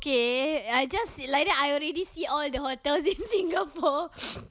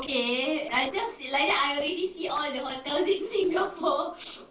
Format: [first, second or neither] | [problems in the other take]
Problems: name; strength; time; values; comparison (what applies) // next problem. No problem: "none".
first | noise reduction (neural separator model SepFormer DNS4)